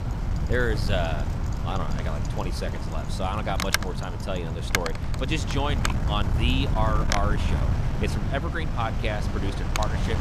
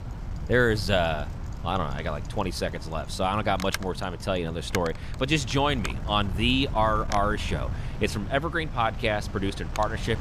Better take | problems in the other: second | wind noise on the microphone; heavy; 3 dB below the speech; occasional gusts in the second

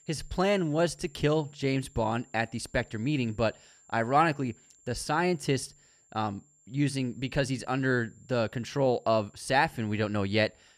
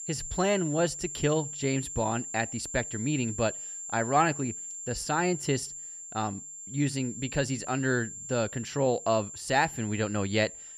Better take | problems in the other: first | high-pitched whine; loud; throughout; 7.5 kHz, 8 dB below the speech; faint in the first

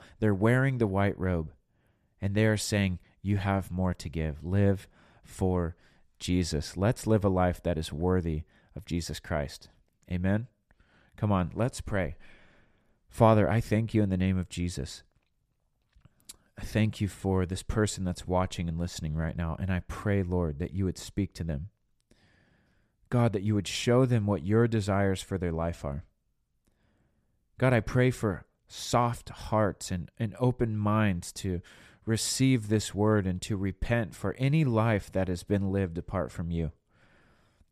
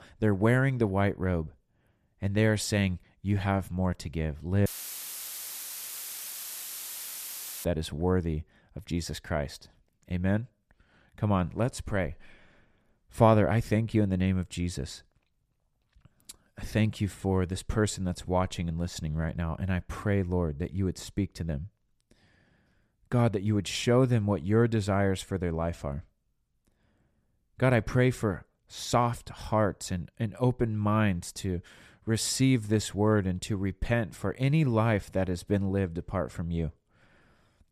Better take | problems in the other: first | audio cutting out; filled with static; at 4.5 s for 3 s

